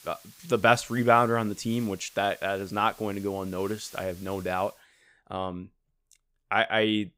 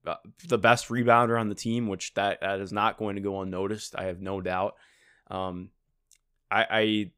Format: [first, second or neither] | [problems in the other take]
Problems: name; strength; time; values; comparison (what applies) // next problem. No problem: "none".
second | hiss; faint; until 5 s; 20 dB below the speech